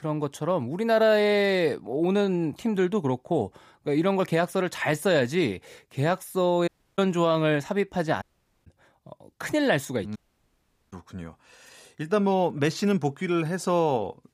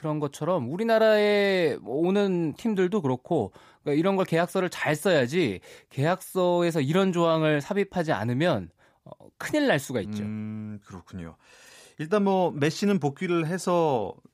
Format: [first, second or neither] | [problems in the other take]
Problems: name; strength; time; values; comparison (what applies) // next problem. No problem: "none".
second | audio cutting out; at 6.5 s, at 8 s and at 10 s for 1 s